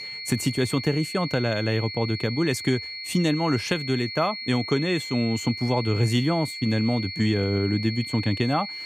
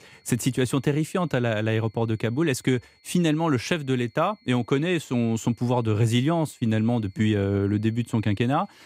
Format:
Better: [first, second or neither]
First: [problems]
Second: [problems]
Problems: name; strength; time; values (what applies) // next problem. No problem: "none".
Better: second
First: high-pitched whine; loud; throughout; 4.5 kHz, 7 dB below the speech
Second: high-pitched whine; faint; throughout; 4.5 kHz, 35 dB below the speech